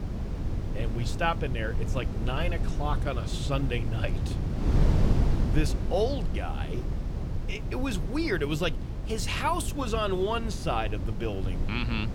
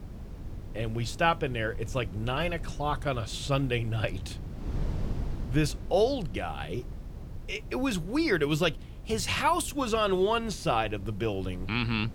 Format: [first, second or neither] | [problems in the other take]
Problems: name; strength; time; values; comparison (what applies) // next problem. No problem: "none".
second | wind noise on the microphone; heavy; 9 dB below the speech; occasional gusts in the second